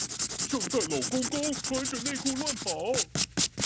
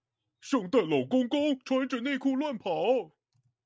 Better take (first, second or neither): second